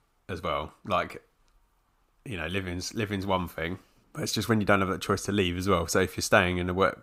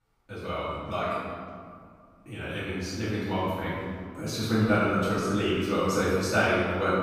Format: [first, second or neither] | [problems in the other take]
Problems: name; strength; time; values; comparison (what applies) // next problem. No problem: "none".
first | off-mic speech; far // room echo; strong; dies away in 1.9 s